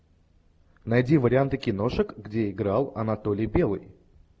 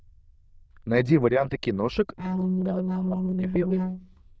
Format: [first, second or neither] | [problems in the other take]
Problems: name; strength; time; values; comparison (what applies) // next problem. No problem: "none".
first | noise reduction (neural diffusion model UNIVERSE++)